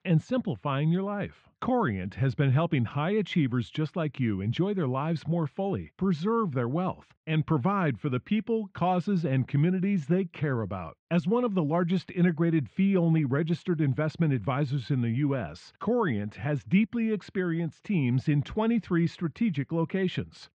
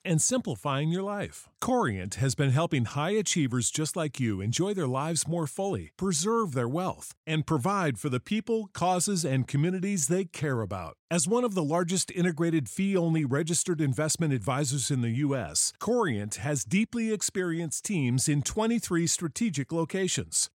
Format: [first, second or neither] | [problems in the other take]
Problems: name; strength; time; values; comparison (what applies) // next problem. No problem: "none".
second | muffled; very; fading above 3 kHz